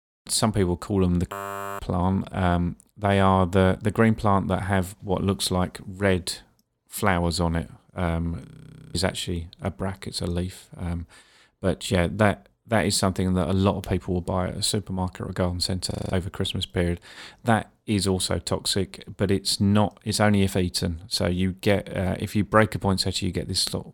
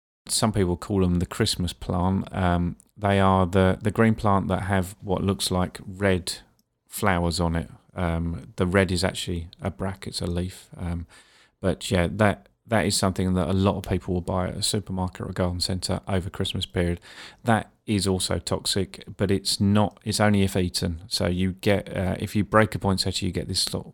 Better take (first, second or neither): second